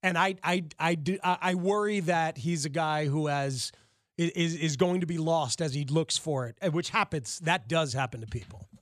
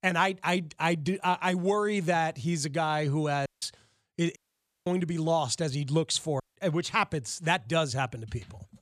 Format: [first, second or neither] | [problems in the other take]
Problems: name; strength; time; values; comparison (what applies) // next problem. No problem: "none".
first | audio cutting out; at 3.5 s, at 4.5 s for 0.5 s and at 6.5 s